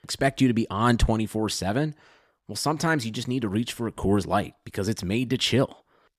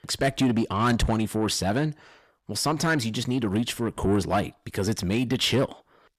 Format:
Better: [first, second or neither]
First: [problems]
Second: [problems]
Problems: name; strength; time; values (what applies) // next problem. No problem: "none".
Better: first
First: none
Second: distortion; slight; 10 dB below the speech